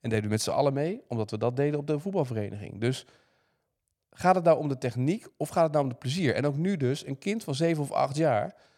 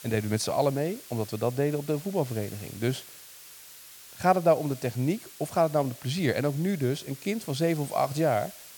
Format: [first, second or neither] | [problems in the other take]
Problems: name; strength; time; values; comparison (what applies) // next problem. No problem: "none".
first | hiss; noticeable; throughout; 15 dB below the speech